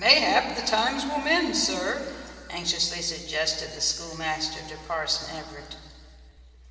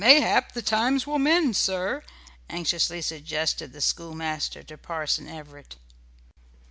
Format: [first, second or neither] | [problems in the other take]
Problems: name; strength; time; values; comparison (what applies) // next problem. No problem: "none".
second | room echo; dies away in 2.7 s